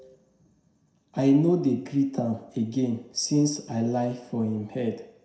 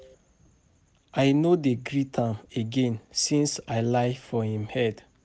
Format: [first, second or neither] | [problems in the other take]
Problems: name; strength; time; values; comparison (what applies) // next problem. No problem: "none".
second | room echo; dies away in 0.6 s